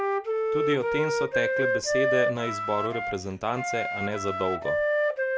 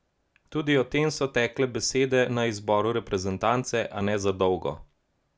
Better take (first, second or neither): second